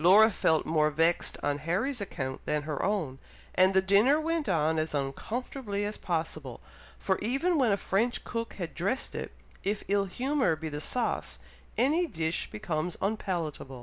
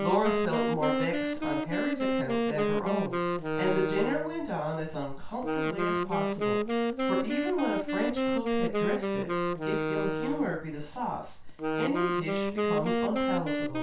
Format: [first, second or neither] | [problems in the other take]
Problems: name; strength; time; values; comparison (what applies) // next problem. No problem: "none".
first | background sound (Wind instrument, woodwind instrument); 2 dB above the speech // room echo; dies away in 0.3 s